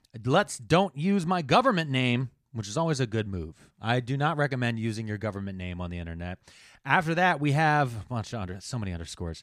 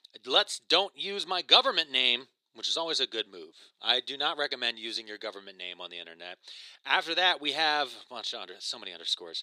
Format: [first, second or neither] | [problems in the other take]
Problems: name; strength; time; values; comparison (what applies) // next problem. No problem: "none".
first | thin; very; fading below 350 Hz